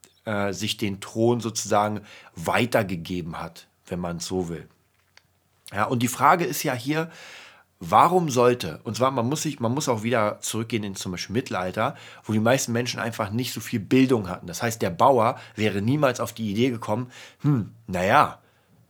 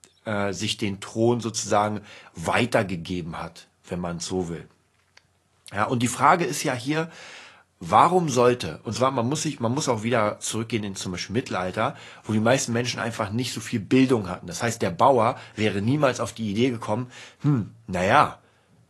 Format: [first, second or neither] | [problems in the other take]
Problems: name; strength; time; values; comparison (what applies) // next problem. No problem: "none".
first | garbled, watery; slightly; nothing above 11.5 kHz